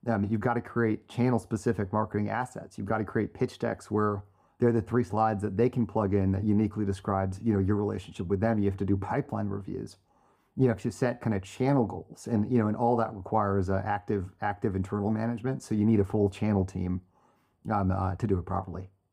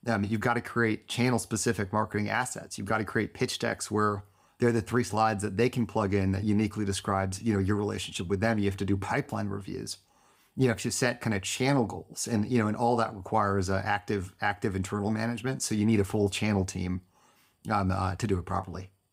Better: second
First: muffled; slightly; fading above 1.5 kHz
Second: none

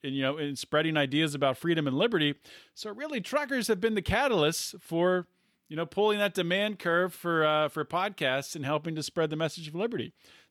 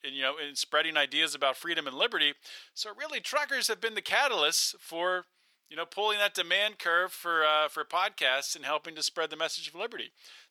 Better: first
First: none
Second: thin; very; fading below 750 Hz

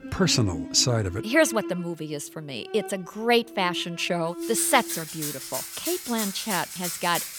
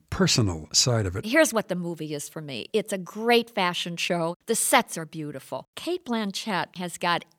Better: second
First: background music; loud; throughout; 8 dB below the speech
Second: none

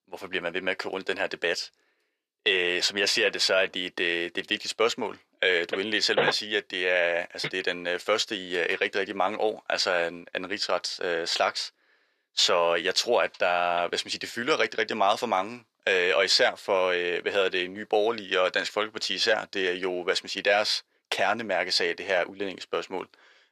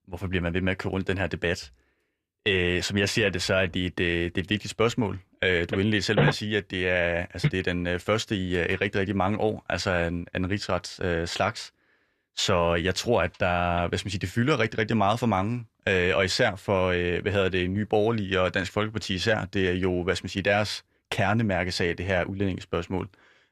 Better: second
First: thin; somewhat; fading below 500 Hz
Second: none

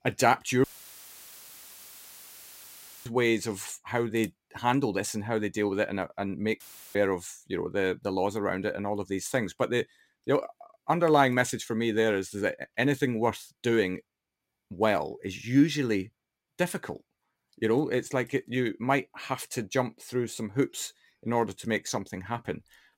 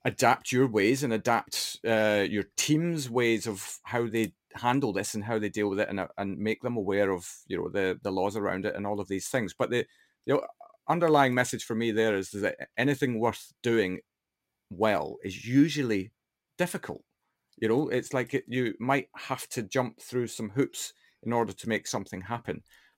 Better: second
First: audio cutting out; filled with static; at 0.5 s for 2.5 s and at 6.5 s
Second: none

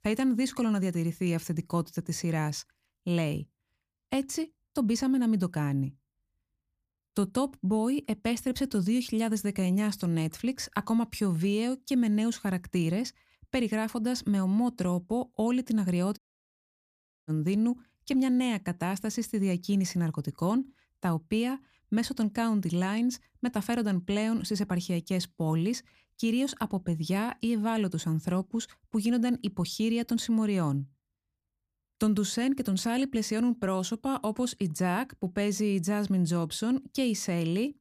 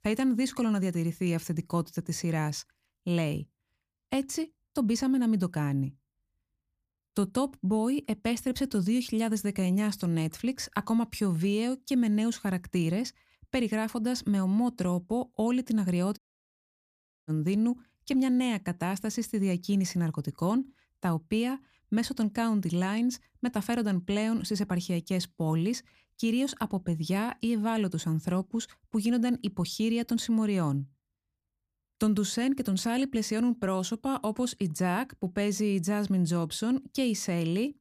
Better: neither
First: audio cutting out; at 16 s for 1 s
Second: audio cutting out; at 16 s for 1 s

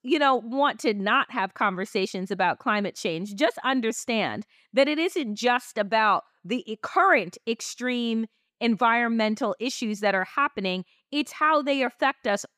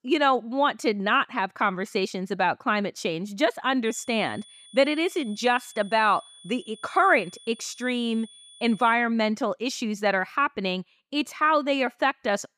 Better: first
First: none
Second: high-pitched whine; faint; from 4 to 9 s; 3.5 kHz, 20 dB below the speech

